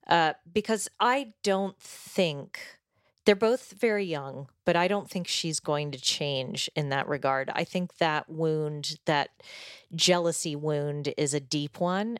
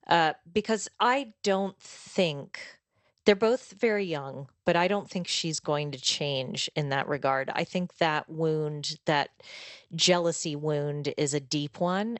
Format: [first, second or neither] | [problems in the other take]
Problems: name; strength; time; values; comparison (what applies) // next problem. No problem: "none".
first | garbled, watery; slightly; nothing above 8 kHz